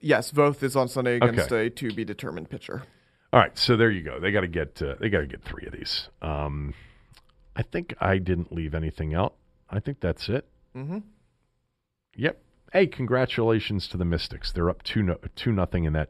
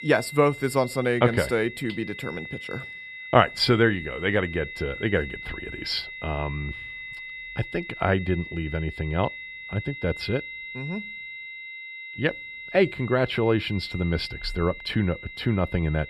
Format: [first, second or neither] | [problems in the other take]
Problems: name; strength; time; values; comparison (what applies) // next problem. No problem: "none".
first | high-pitched whine; noticeable; throughout; 2 kHz, 10 dB below the speech